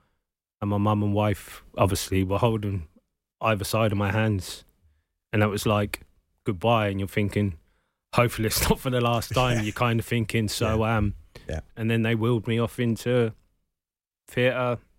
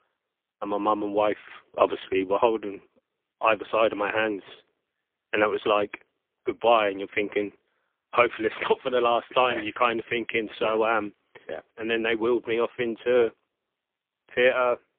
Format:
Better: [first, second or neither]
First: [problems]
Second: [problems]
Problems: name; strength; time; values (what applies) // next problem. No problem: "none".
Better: first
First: none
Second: phone-call audio; poor line; nothing above 3 kHz